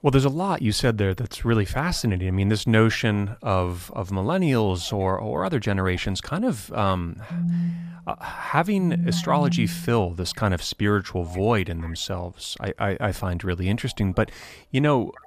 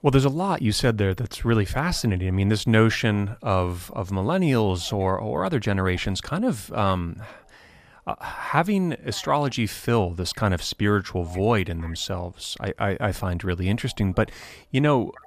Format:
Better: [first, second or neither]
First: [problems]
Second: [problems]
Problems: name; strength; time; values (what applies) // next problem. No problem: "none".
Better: second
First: phone ringing; noticeable; from 7.5 to 10 s; peak level with the speech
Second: none